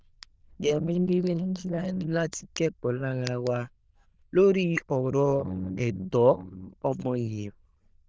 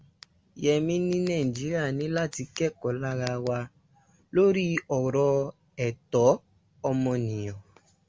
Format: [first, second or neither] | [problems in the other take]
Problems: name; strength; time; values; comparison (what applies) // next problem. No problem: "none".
second | noise reduction (neural diffusion model UNIVERSE++)